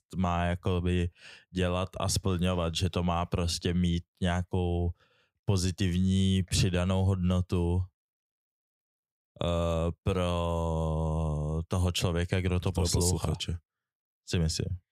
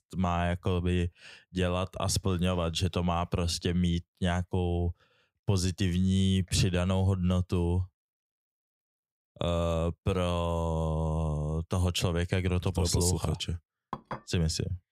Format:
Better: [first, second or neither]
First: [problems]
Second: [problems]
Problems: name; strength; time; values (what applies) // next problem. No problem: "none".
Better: first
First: none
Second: clattering dishes; faint; at 14 s; peak 10 dB below the speech